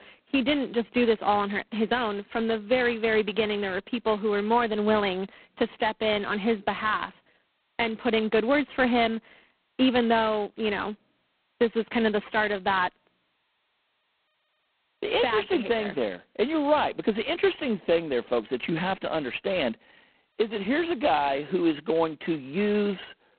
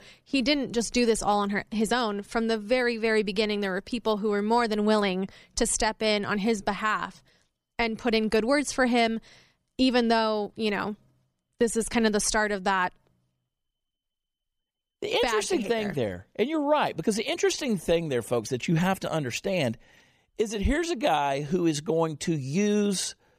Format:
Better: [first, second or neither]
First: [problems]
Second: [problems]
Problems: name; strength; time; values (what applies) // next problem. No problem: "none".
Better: second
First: phone-call audio; poor line; nothing above 4 kHz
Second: none